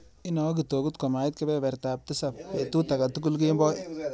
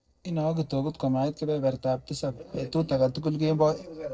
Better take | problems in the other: first | noise reduction (neural separator model SepFormer DNS4)

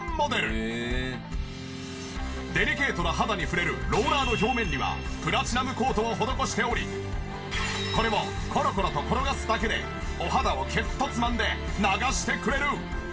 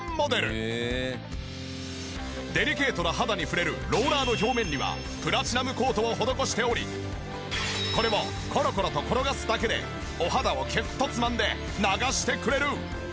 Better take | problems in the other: second | room echo; dies away in 0.2 s

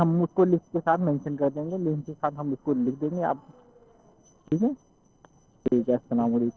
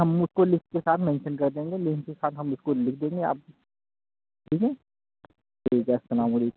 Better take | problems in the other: second | noise reduction (neural separator model SepFormer DNS4)

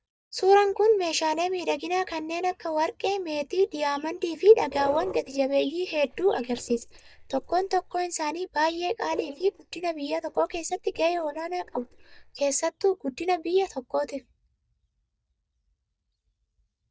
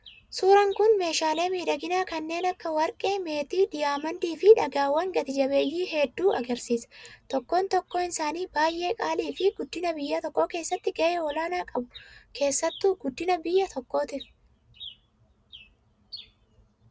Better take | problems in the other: second | noise reduction (neural mask model DeepFilterNet 3)

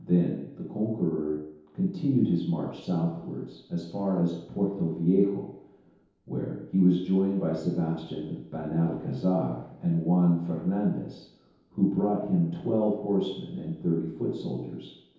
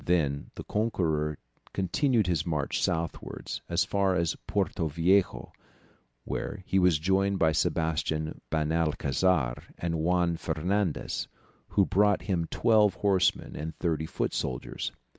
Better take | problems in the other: second | room echo; dies away in 0.8 s

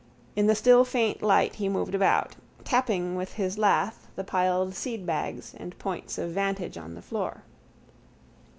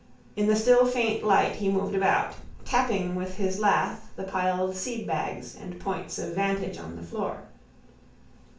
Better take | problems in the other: first | background sound (Boom); 18 dB below the speech // room echo; dies away in 0.4 s

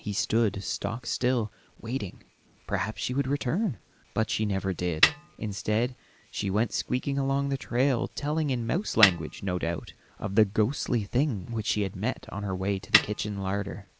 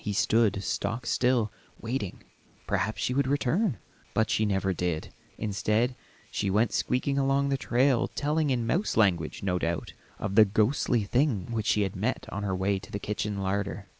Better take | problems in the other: second | background sound (Snare drum); 1 dB below the speech

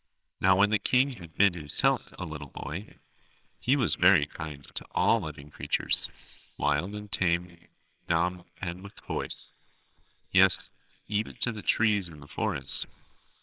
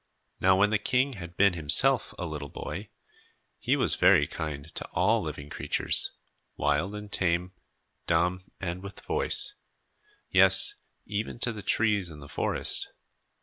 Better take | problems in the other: second | noise reduction (neural separator model SepFormer WHAMR!)

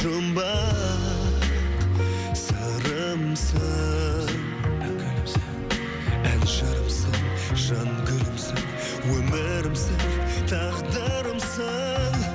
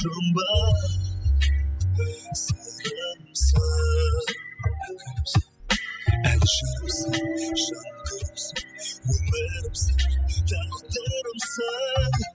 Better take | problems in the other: first | noise reduction (classical method spectral subtraction)

